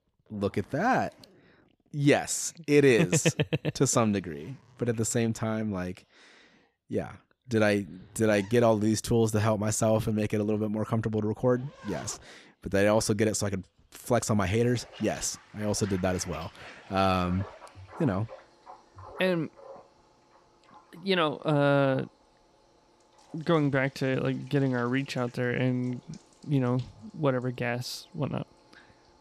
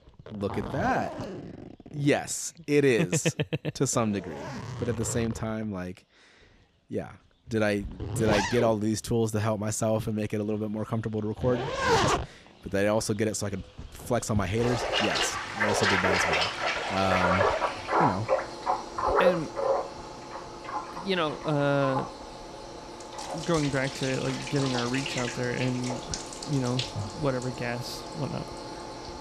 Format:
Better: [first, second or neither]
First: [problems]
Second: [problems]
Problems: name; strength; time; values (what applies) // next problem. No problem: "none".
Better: first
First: household noises; faint; throughout; 25 dB below the speech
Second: household noises; loud; throughout; 1 dB below the speech